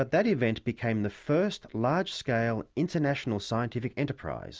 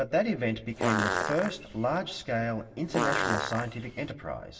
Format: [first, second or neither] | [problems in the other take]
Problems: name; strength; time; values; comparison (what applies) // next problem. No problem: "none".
first | background sound (Fart); 1 dB below the speech // room echo; dies away in 0.8 s